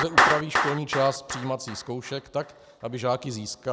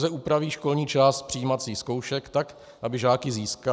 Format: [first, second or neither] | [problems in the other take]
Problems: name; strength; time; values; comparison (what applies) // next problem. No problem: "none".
second | background sound (Clapping); 1 dB above the speech